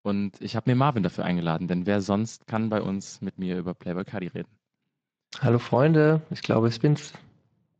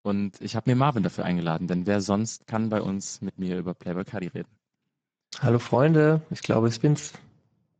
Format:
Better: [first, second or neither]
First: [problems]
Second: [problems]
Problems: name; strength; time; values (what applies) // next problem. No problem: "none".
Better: first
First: garbled, watery; slightly; nothing above 7.5 kHz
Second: garbled, watery; badly; nothing above 7.5 kHz